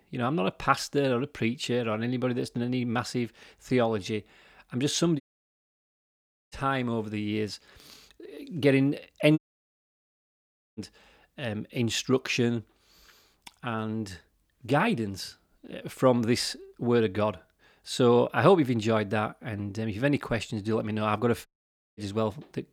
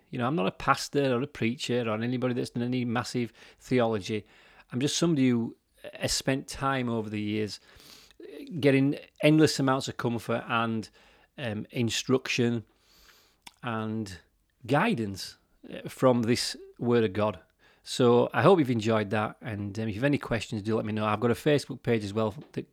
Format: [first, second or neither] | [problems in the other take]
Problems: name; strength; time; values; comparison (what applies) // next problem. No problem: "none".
second | audio cutting out; at 5 s for 1.5 s, at 9.5 s for 1.5 s and at 21 s for 0.5 s